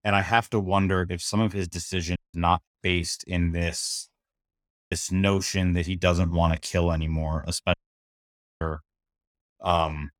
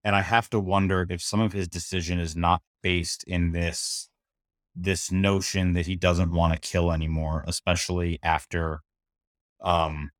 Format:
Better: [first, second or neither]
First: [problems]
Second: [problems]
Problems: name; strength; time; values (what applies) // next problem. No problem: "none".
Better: second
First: audio cutting out; at 2 s, at 4.5 s and at 7.5 s for 1 s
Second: none